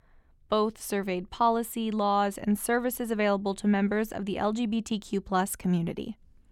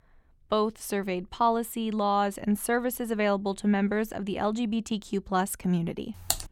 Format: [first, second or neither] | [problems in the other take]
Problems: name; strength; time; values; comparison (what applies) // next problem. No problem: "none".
first | keyboard typing; noticeable; at 6 s; peak 2 dB below the speech